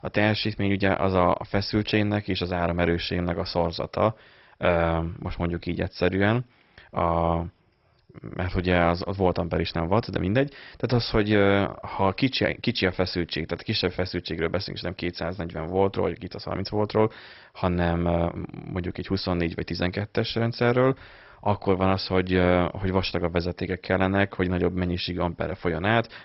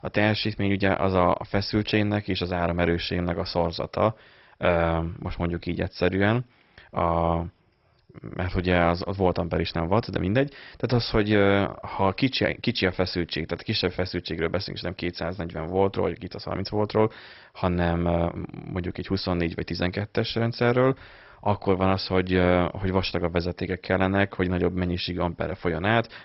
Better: neither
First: garbled, watery; badly; nothing above 5.5 kHz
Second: garbled, watery; badly; nothing above 5.5 kHz

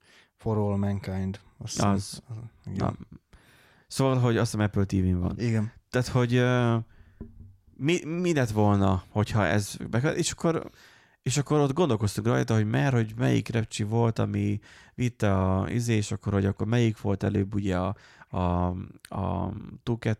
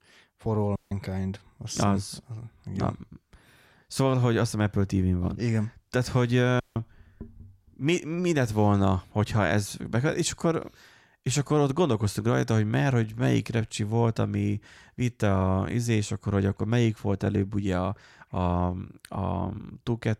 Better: first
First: none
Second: audio cutting out; at 1 s and at 6.5 s

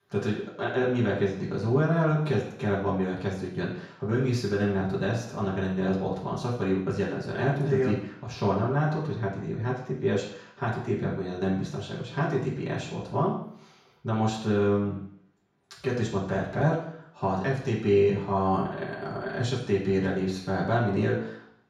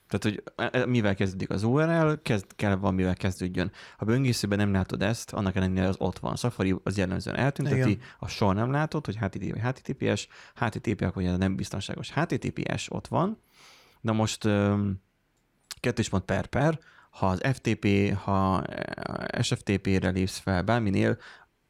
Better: second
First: room echo; noticeable; dies away in 0.7 s // off-mic speech; far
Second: none

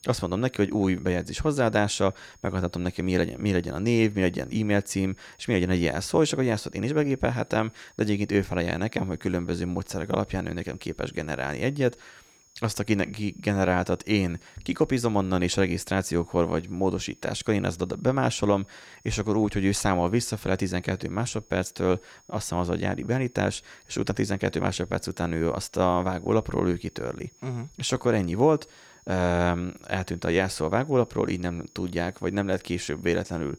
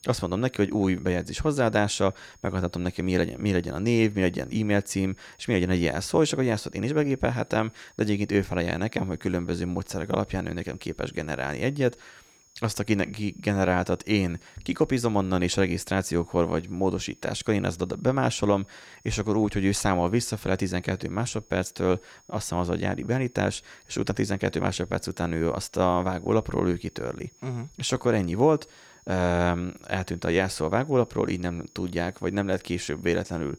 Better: neither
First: high-pitched whine; faint; throughout; 6.5 kHz, 30 dB below the speech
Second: high-pitched whine; faint; throughout; 6.5 kHz, 30 dB below the speech

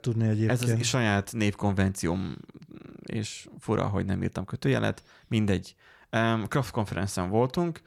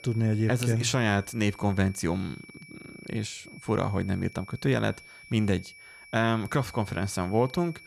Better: first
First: none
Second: high-pitched whine; noticeable; throughout; 2.5 kHz, 20 dB below the speech

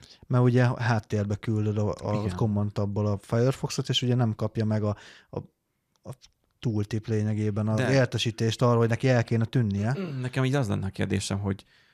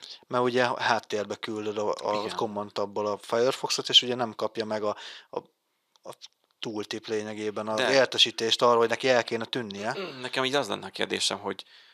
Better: first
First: none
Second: thin; very; fading below 450 Hz

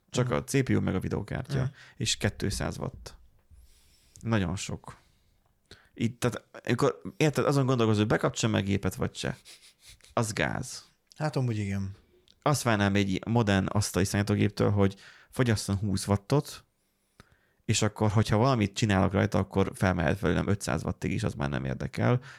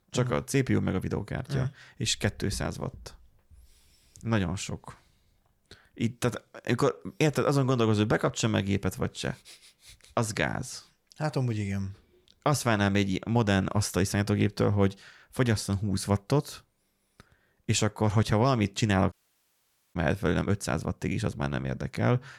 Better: first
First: none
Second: audio cutting out; at 19 s for 1 s

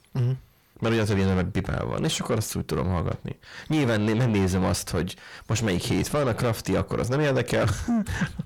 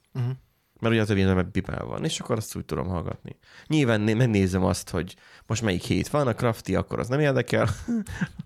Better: second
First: distortion; heavy; 6 dB below the speech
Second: none

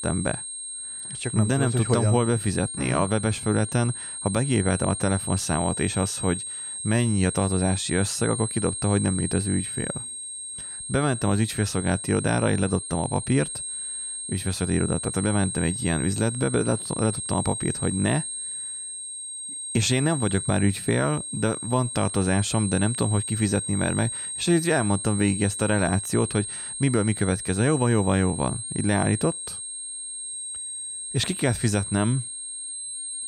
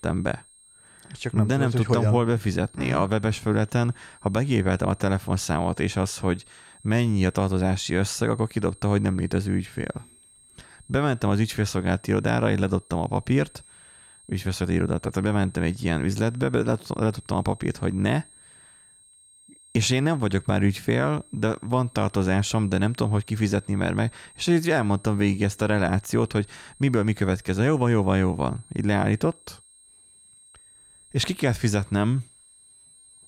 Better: second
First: high-pitched whine; loud; throughout; 8.5 kHz, 6 dB below the speech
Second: high-pitched whine; faint; throughout; 8.5 kHz, 25 dB below the speech

